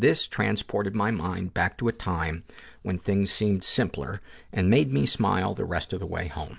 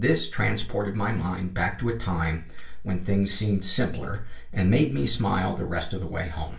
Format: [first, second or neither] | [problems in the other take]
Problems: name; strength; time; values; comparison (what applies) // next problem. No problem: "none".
first | room echo; dies away in 0.3 s